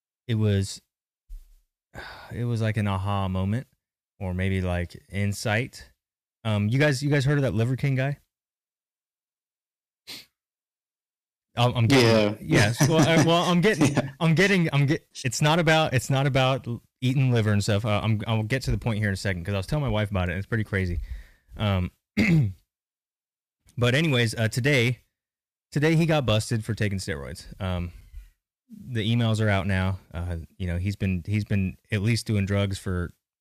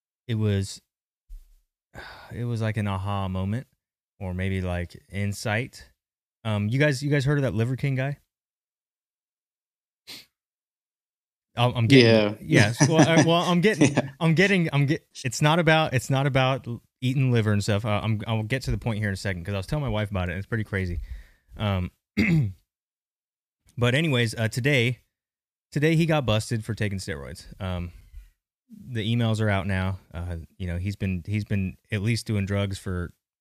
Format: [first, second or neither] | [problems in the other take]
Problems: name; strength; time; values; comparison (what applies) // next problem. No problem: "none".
second | distortion; slight; 3% of the sound clipped